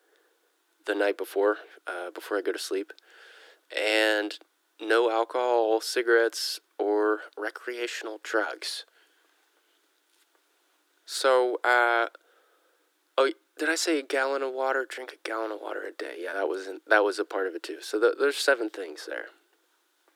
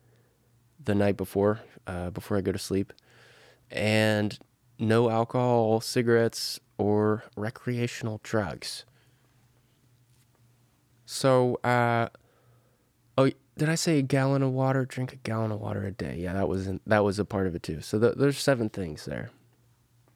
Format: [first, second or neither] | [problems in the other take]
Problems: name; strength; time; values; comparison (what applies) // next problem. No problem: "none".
second | thin; very; fading below 300 Hz